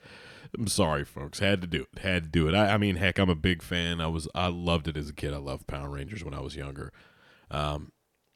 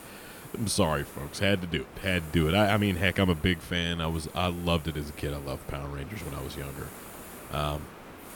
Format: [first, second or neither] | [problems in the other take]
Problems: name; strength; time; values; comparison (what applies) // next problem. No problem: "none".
first | hiss; noticeable; throughout; 15 dB below the speech